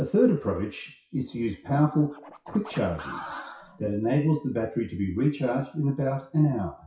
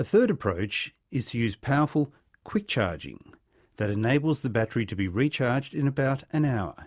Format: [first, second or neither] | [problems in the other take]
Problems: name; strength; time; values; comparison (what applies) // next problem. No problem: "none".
second | noise reduction (classical method WPE with log-MMSE)